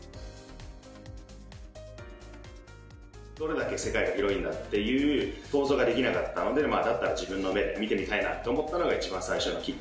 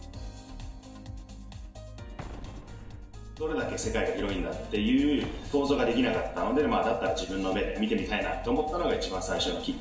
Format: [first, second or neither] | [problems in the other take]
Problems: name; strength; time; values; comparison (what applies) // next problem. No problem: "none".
first | background sound (Explosion); 17 dB below the speech // room echo; dies away in 1.7 s